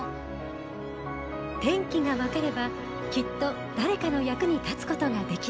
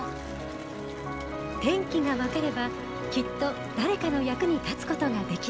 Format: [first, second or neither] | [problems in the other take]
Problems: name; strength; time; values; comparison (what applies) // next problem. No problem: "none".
first | background sound (Bathtub (filling or washing) / Water tap, faucet); 20 dB below the speech